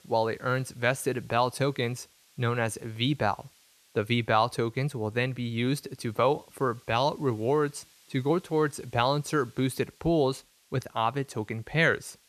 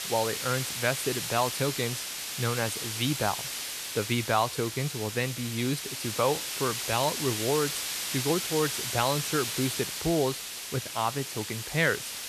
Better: first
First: hiss; faint; throughout; 30 dB below the speech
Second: hiss; loud; throughout; 2 dB below the speech

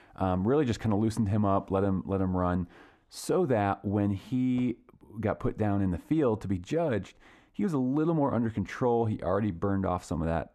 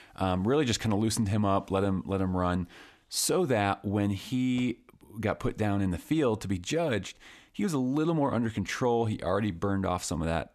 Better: second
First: muffled; slightly; fading above 2 kHz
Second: none

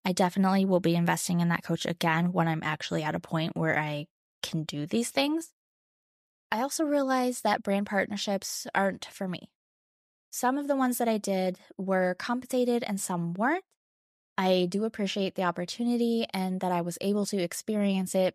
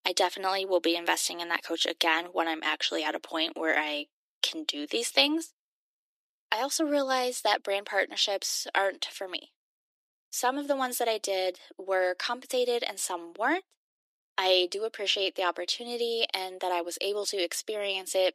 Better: first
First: none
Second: thin; somewhat; fading below 300 Hz

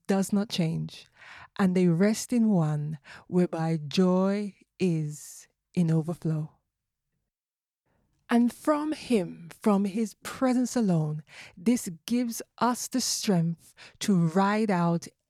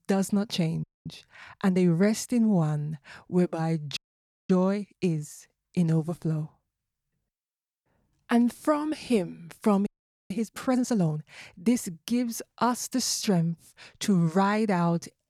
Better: first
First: none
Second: audio freezing; at 1 s, at 4 s for 0.5 s and at 10 s

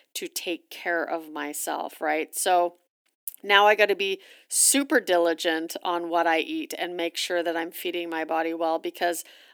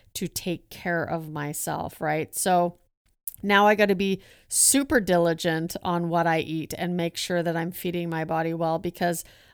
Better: second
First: thin; somewhat; fading below 300 Hz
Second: none

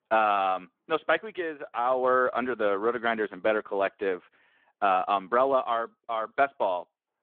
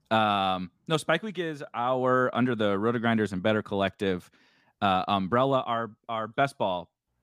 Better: second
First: phone-call audio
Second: none

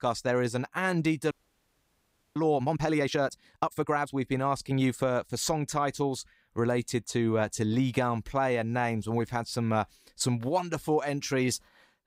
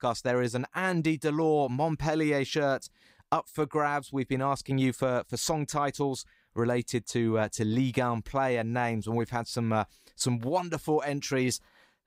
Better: second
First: audio freezing; at 1.5 s for 1 s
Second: none

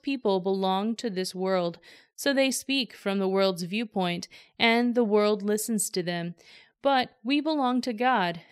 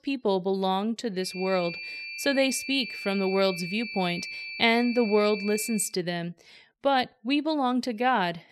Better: first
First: none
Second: high-pitched whine; loud; from 1.5 to 6 s; 2.5 kHz, 9 dB below the speech

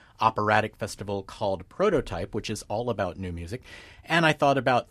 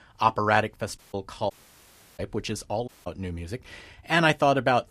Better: first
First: none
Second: audio cutting out; at 1 s, at 1.5 s for 0.5 s and at 3 s

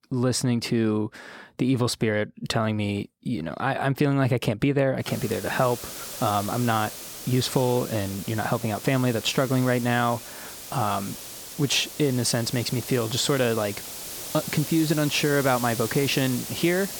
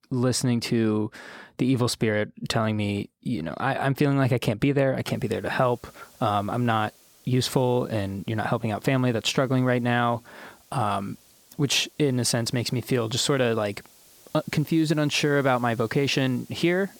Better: second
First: hiss; loud; from 5 s on; 10 dB below the speech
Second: hiss; faint; from 5 s on; 25 dB below the speech

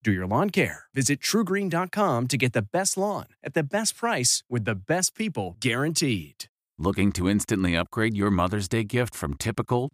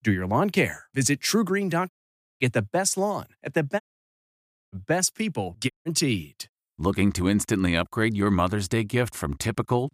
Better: first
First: none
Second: audio cutting out; at 2 s for 0.5 s, at 4 s for 1 s and at 5.5 s

